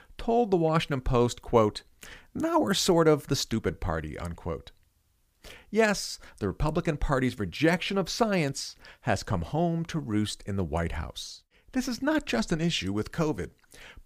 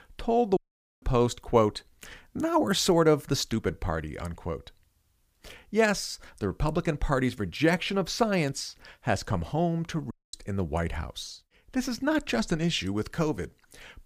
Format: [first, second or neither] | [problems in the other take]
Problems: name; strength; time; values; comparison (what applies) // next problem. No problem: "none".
first | audio cutting out; at 0.5 s and at 10 s